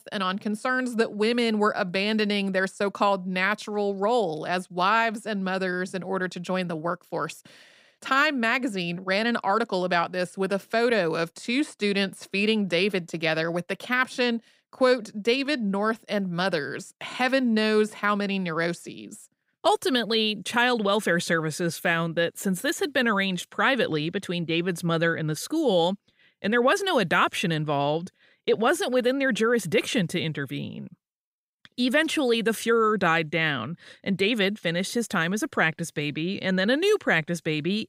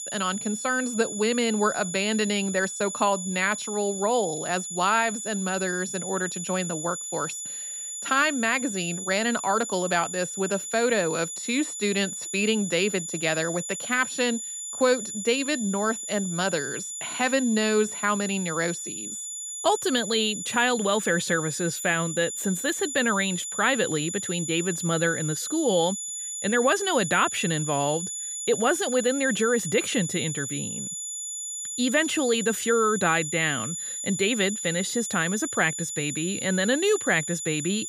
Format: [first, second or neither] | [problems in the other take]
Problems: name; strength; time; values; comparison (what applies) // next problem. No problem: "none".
first | high-pitched whine; loud; throughout; 7 kHz, 6 dB below the speech